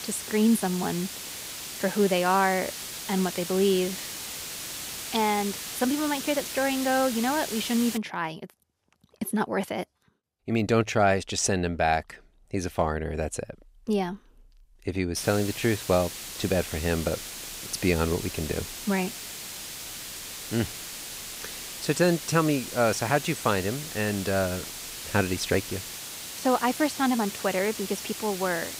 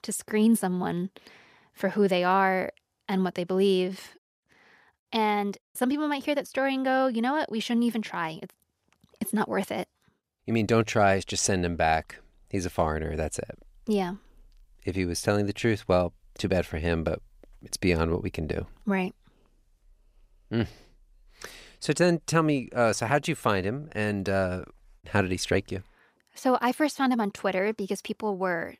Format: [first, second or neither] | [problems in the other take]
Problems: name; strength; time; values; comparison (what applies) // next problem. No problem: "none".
second | hiss; loud; until 8 s and from 15 s on; 8 dB below the speech